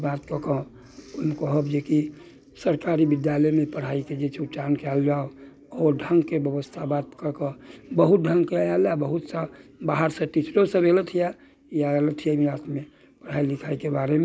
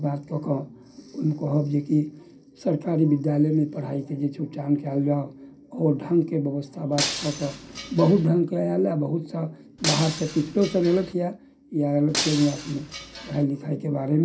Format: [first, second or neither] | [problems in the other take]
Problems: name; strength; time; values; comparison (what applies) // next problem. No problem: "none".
first | background sound (Shatter); 7 dB below the speech // room echo; dies away in 0.3 s